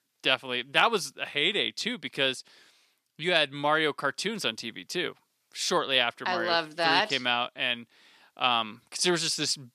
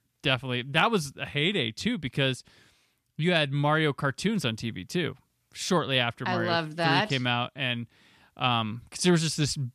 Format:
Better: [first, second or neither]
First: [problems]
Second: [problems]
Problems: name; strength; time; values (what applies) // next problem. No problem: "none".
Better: second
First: thin; somewhat; fading below 350 Hz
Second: none